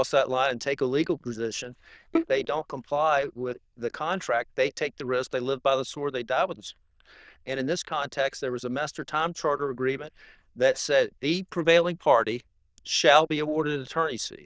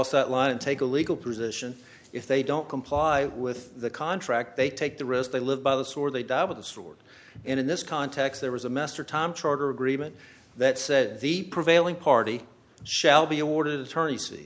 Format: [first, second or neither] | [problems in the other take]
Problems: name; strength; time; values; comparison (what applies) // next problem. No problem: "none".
second | noise reduction (neural diffusion model UNIVERSE++)